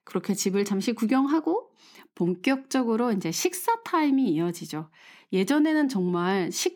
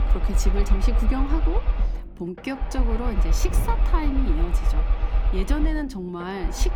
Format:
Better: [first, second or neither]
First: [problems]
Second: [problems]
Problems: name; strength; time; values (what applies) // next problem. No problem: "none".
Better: first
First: none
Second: low rumble; loud; throughout; 5 dB below the speech